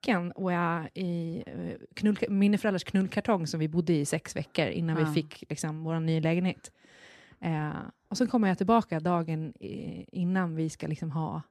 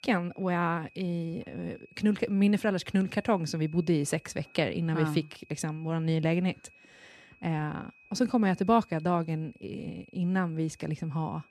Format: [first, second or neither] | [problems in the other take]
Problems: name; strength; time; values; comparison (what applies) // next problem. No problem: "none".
first | high-pitched whine; faint; throughout; 2.5 kHz, 25 dB below the speech